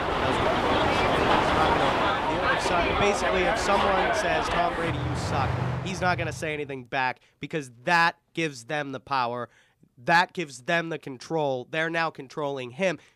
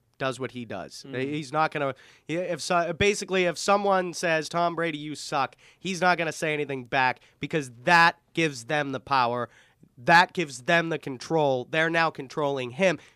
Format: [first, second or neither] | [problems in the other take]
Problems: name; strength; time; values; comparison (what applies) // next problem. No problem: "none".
second | train or aircraft noise; very loud; until 6 s; 3 dB above the speech